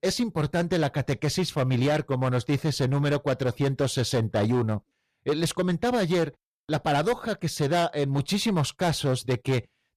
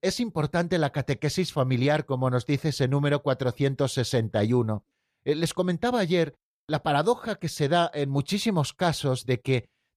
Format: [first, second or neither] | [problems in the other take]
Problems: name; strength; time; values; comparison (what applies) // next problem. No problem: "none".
second | distortion; slight; 12% of the sound clipped